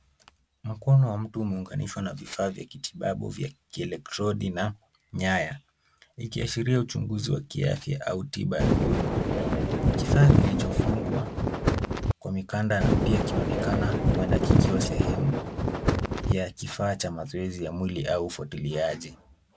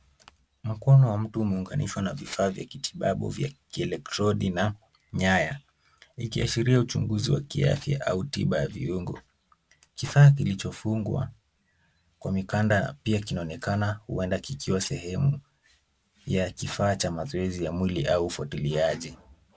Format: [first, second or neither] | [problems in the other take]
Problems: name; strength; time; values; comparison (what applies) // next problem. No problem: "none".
second | background sound (Wind); 5 dB above the speech